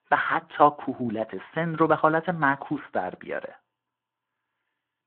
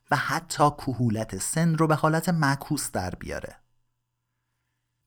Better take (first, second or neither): second